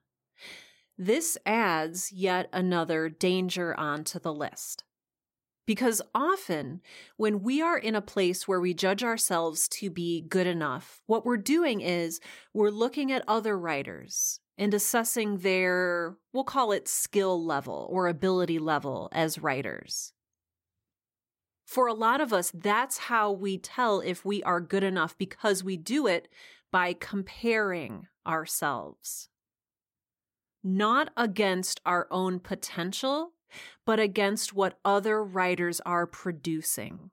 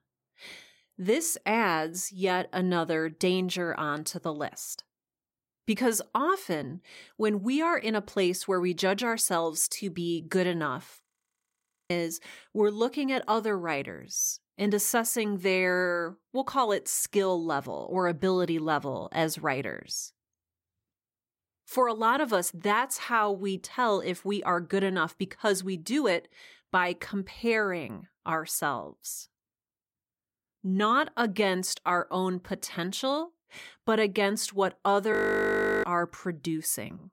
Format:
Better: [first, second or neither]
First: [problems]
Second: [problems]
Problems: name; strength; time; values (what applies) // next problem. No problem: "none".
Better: first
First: none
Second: audio freezing; at 11 s for 1 s and at 35 s for 0.5 s